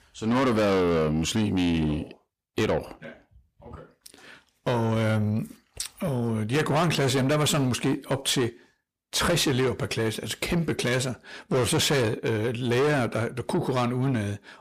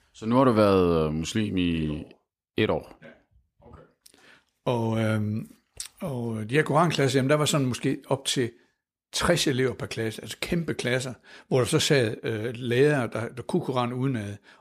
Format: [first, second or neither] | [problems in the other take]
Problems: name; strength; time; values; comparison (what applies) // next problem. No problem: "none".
second | distortion; heavy; 7 dB below the speech